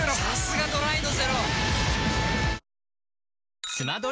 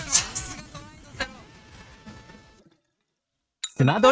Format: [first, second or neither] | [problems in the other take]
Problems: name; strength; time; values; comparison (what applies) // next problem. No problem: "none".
first | noise reduction (neural mask model RNNoise)